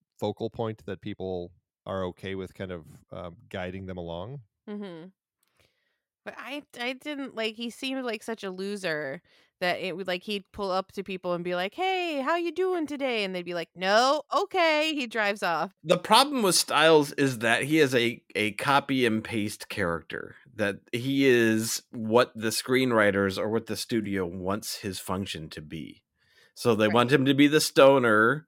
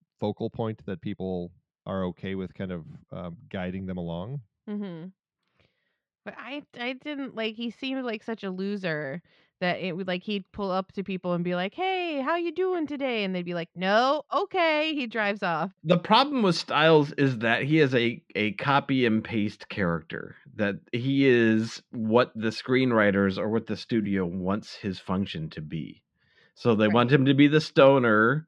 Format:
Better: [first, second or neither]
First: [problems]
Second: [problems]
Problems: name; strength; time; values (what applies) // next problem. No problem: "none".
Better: first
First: none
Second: muffled; very slightly; fading above 4 kHz